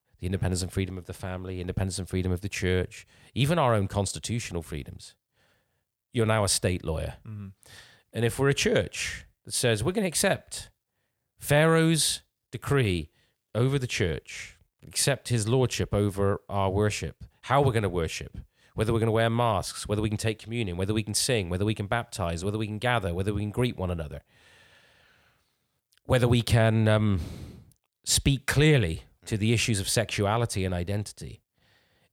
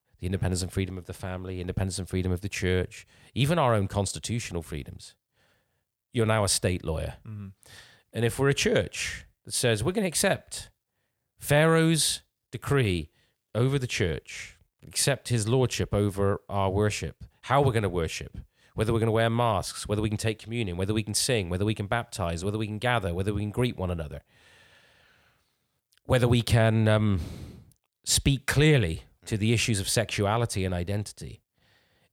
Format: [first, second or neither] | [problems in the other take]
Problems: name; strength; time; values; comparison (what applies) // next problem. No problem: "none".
neither | none